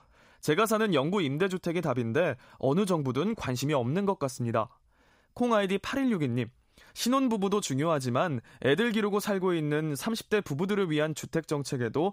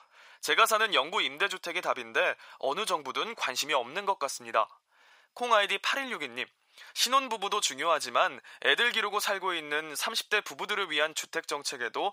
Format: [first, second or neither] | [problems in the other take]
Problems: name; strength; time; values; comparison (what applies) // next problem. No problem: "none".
first | thin; very; fading below 850 Hz